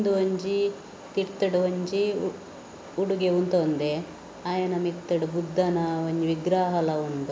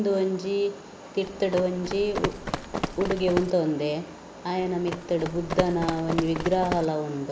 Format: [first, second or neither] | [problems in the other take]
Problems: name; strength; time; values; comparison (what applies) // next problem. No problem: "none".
first | background sound (Run); 6 dB below the speech